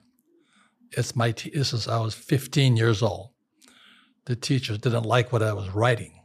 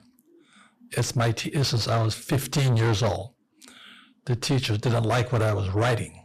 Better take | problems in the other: first | distortion; heavy; 5 dB below the speech

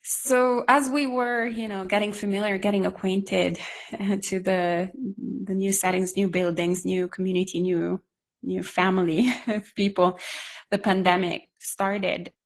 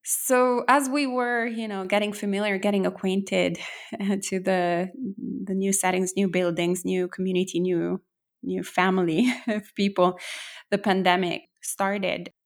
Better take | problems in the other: second | garbled, watery; slightly; nothing above 15.5 kHz

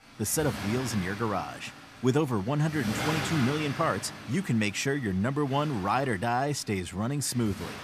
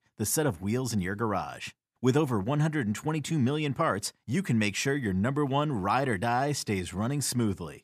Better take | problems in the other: second | traffic noise; loud; throughout; 9 dB below the speech

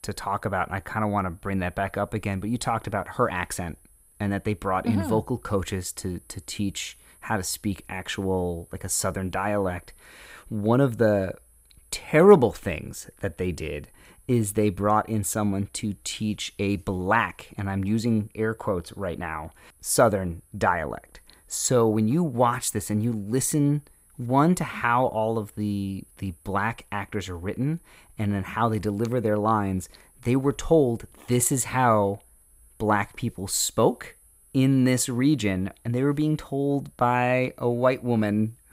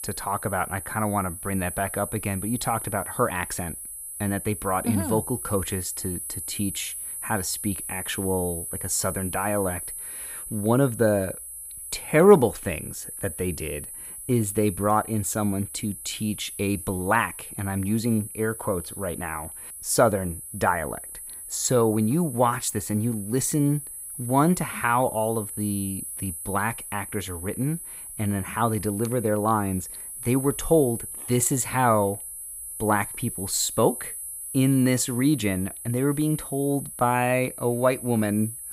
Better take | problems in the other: first | high-pitched whine; loud; throughout; 10.5 kHz, 8 dB below the speech; faint in the first

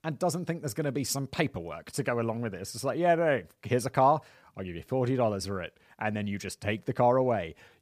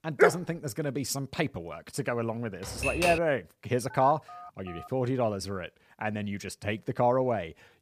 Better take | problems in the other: first | dog barking; loud; at the start; peak 6 dB above the speech // keyboard typing; loud; at 2.5 s; peak 2 dB above the speech // phone ringing; faint; at 4 s; peak 15 dB below the speech

